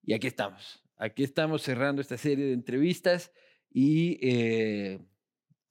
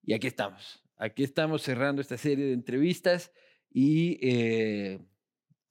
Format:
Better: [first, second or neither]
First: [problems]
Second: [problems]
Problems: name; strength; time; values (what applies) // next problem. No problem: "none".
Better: neither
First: none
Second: none